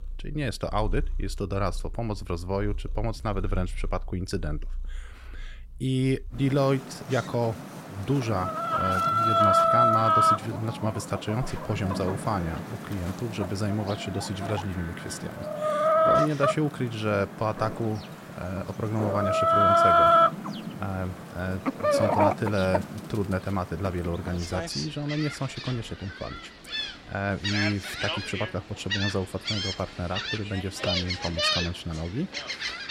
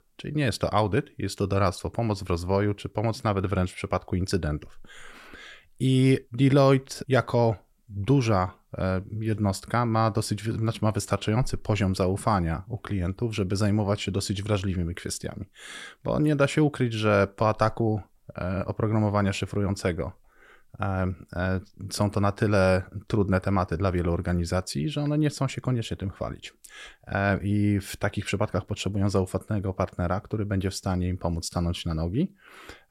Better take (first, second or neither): second